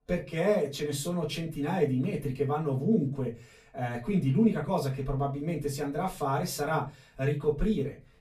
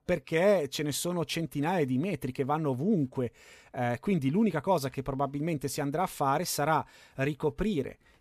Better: second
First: off-mic speech; far // room echo; very slight; dies away in 0.3 s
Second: none

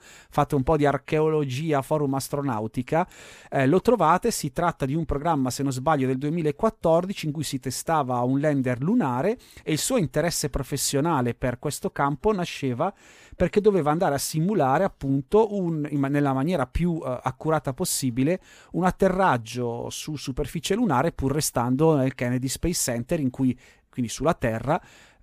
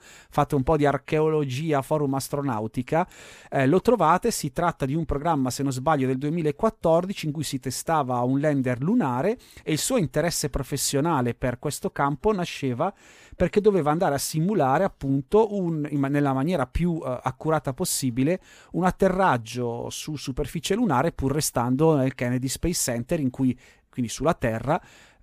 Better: neither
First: none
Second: none

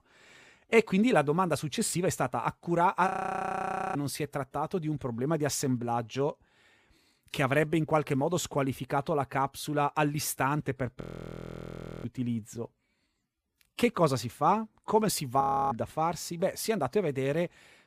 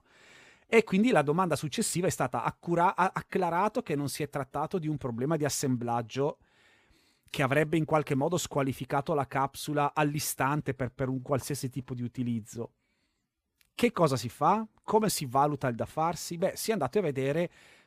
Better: second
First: audio freezing; at 3 s for 1 s, at 11 s for 1 s and at 15 s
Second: none

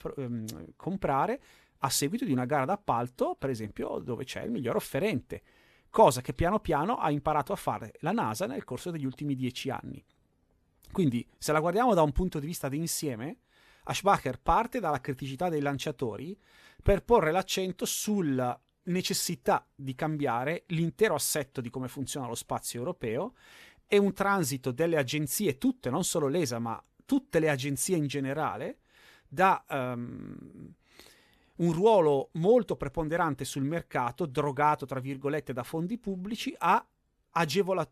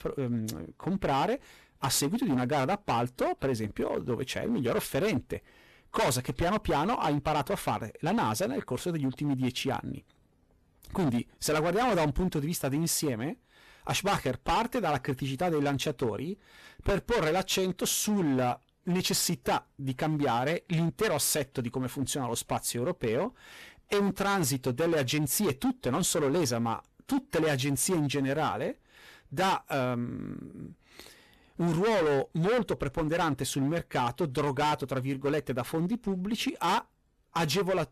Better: first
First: none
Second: distortion; heavy; 15% of the sound clipped

